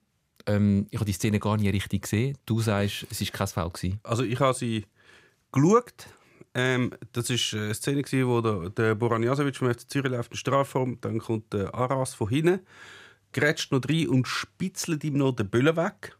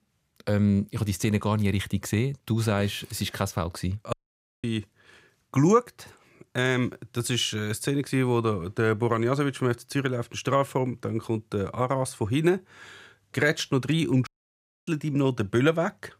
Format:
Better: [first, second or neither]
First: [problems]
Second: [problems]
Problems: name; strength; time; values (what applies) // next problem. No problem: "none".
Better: first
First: none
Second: audio cutting out; at 4 s for 0.5 s and at 14 s for 0.5 s